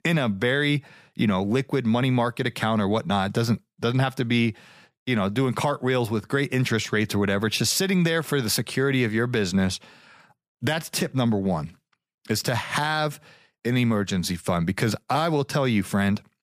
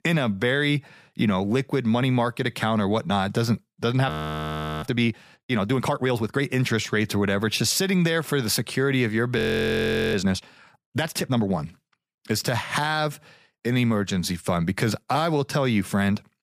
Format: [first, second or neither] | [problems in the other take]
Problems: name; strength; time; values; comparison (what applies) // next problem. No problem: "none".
first | audio freezing; at 4 s for 0.5 s and at 9.5 s for 1 s